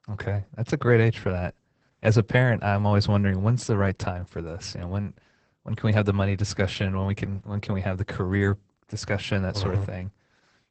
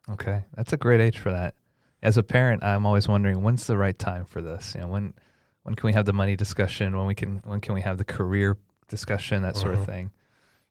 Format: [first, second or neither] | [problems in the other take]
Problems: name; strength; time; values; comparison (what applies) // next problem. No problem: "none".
second | garbled, watery; badly; nothing above 8 kHz; slightly in the second